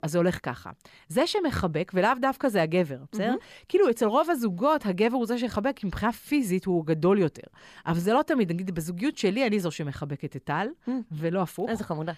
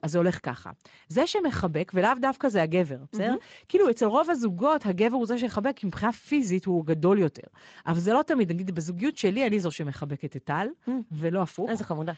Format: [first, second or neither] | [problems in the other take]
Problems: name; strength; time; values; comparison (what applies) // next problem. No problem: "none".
first | garbled, watery; slightly; nothing above 7.5 kHz